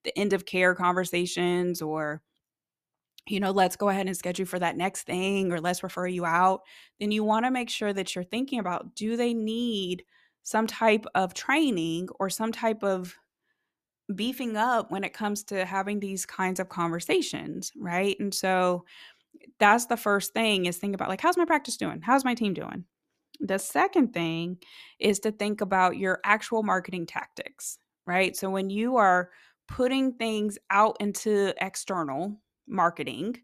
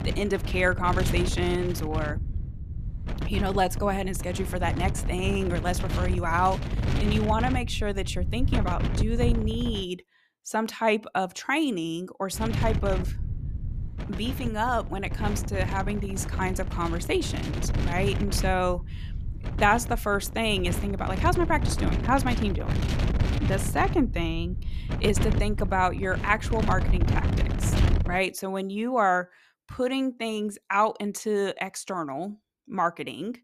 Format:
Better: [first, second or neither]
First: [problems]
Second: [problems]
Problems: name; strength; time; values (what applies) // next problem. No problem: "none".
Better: first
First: none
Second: wind noise on the microphone; occasional gusts; until 10 s and from 12 to 28 s; 10 dB below the speech